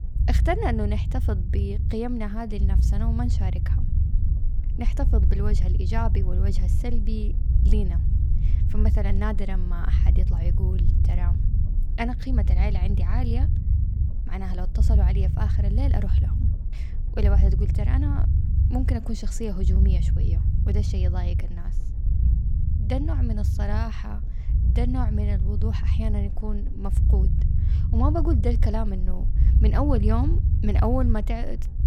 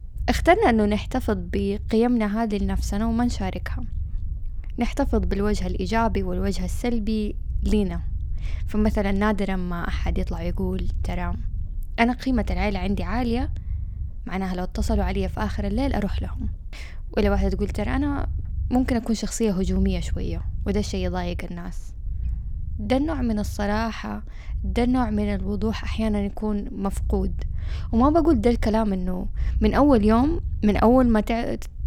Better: second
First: low rumble; loud; throughout; 7 dB below the speech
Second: low rumble; faint; throughout; 25 dB below the speech

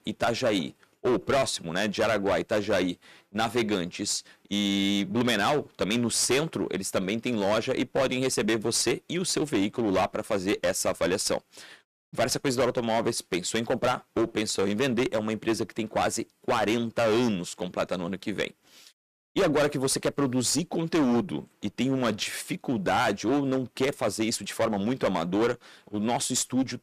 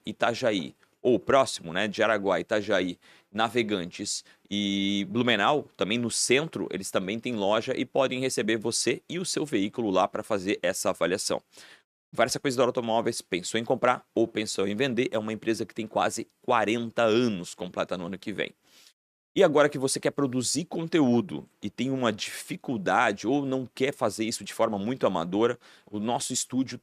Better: second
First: distortion; heavy; 10% of the sound clipped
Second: none

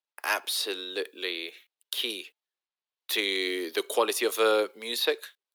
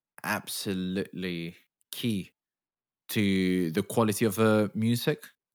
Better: second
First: thin; very; fading below 350 Hz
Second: none

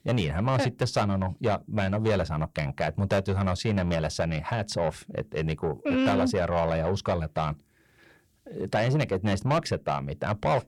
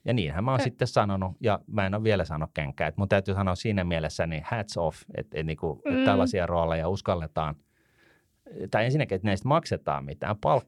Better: second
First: distortion; slight; 10 dB below the speech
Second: none

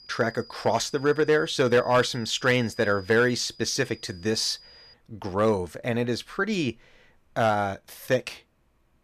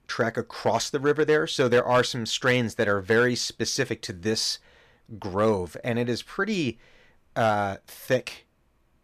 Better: second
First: high-pitched whine; faint; until 5 s; 5 kHz, 20 dB below the speech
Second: none

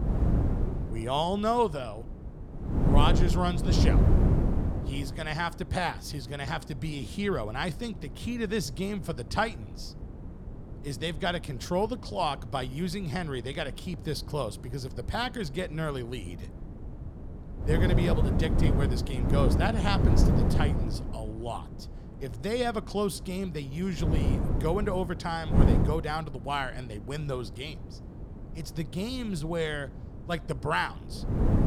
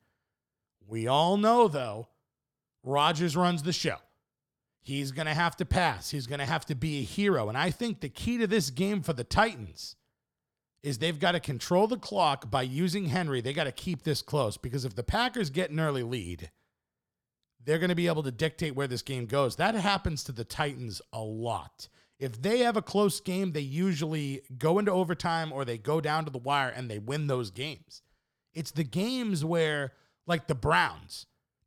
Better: second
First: wind noise on the microphone; heavy; 4 dB below the speech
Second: none

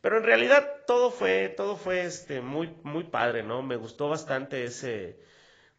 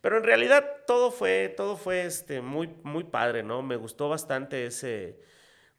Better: second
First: garbled, watery; badly; nothing above 7.5 kHz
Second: none

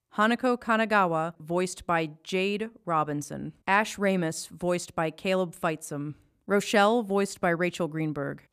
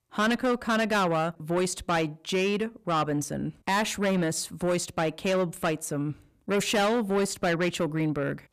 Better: first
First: none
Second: distortion; heavy; 7 dB below the speech

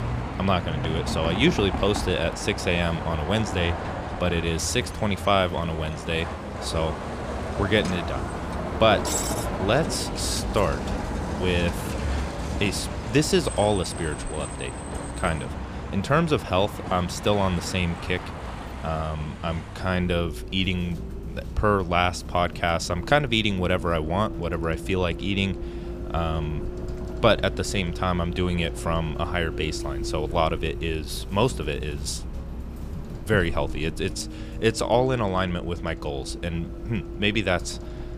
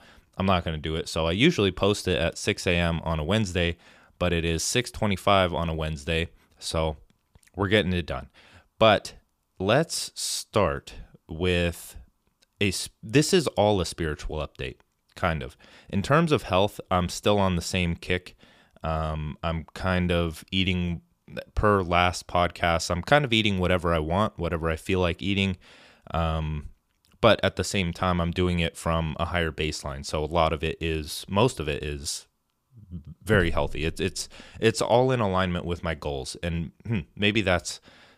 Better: second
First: traffic noise; loud; throughout; 7 dB below the speech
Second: none

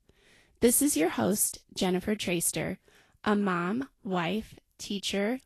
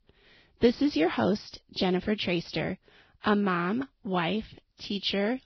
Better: first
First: garbled, watery; slightly; nothing above 12.5 kHz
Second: garbled, watery; badly; nothing above 5.5 kHz

